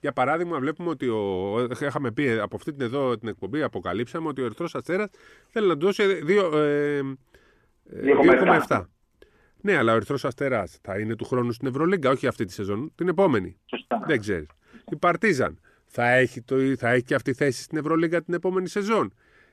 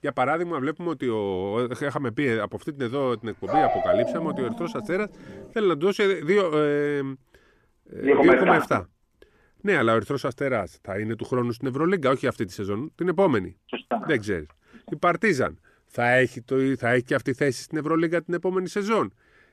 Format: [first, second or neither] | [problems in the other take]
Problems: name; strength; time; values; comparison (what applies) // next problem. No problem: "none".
first | dog barking; loud; from 3.5 to 5 s; peak 3 dB above the speech